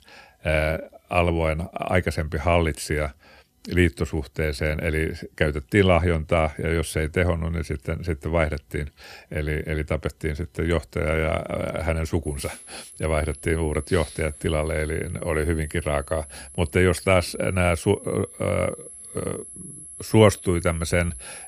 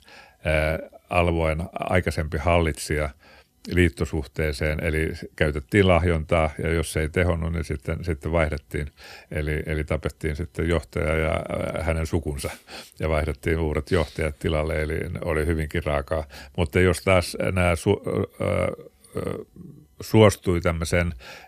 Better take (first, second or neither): second